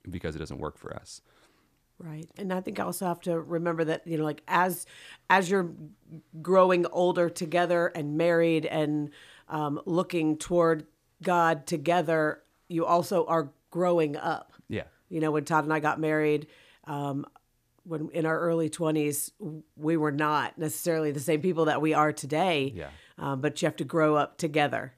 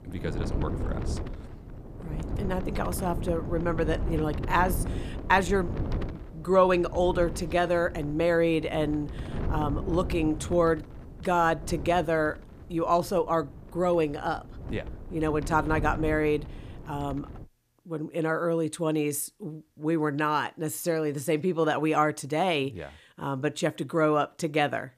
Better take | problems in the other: first | wind noise on the microphone; occasional gusts; until 17 s; 15 dB below the speech

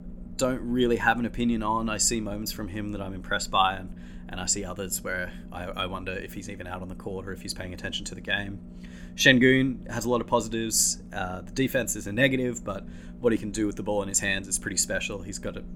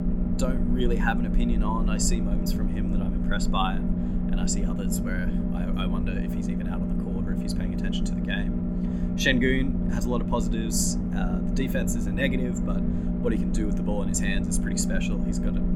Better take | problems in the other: first | low rumble; loud; throughout; 4 dB below the speech; faint in the first

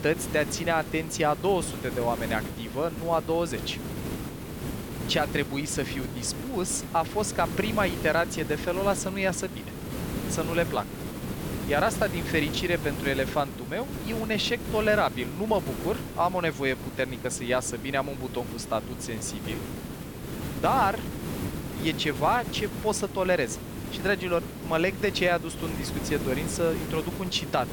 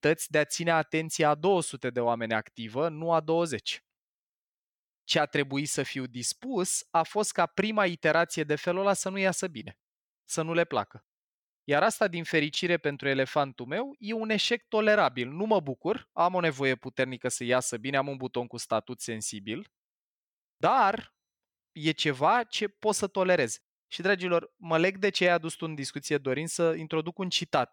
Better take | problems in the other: second | hiss; loud; throughout; 7 dB below the speech

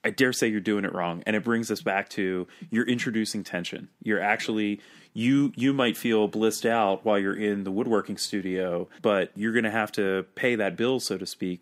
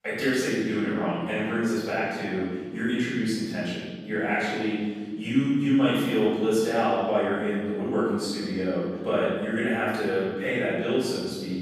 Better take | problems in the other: first | off-mic speech; far // room echo; strong; dies away in 1.6 s

